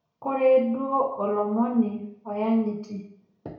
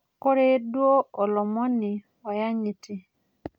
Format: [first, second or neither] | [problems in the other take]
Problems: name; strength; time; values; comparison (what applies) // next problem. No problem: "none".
second | room echo; dies away in 0.6 s